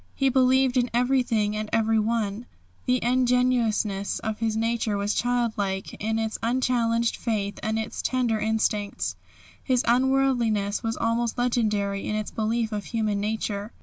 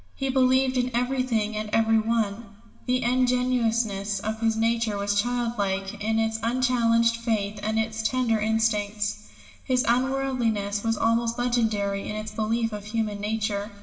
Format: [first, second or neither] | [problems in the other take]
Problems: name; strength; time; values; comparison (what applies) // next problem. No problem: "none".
first | room echo; dies away in 1 s